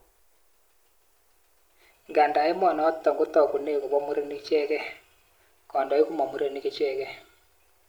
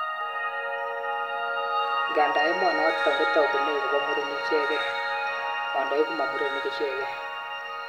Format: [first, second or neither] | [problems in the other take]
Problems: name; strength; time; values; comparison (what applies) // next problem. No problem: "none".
first | background sound (Piano); 2 dB above the speech